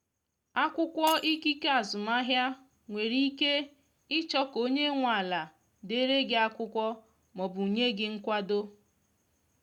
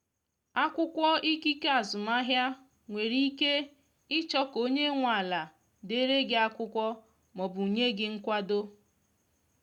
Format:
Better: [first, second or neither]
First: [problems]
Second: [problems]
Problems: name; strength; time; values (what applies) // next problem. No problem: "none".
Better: second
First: background sound (Shatter); 19 dB below the speech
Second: none